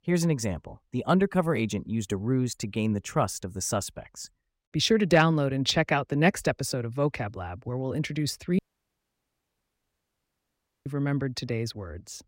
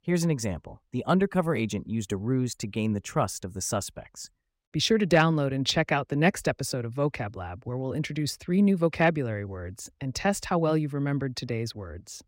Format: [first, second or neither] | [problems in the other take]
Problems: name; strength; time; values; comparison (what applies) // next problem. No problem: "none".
second | audio cutting out; at 8.5 s for 2.5 s